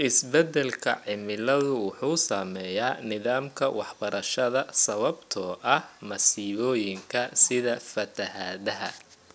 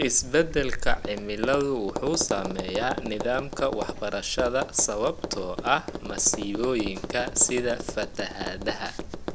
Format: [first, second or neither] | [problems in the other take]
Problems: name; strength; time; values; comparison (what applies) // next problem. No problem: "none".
first | background sound (Tap); 5 dB below the speech